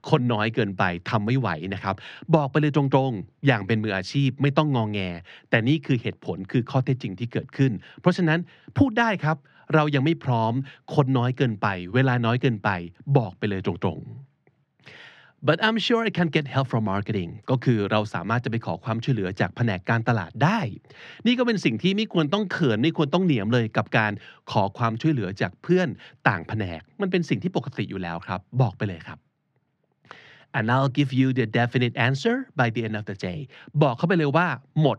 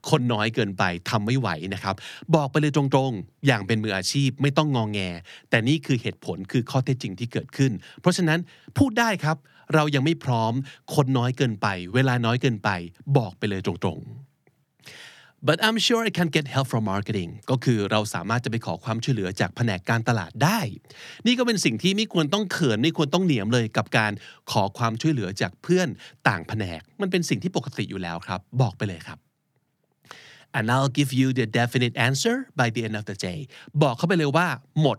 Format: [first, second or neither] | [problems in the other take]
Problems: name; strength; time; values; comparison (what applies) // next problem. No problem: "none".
second | muffled; slightly; fading above 3 kHz